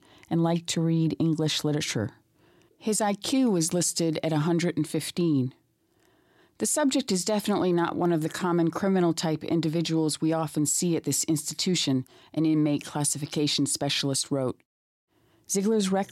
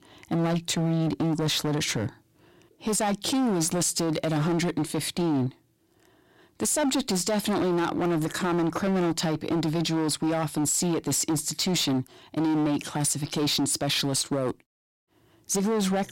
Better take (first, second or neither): first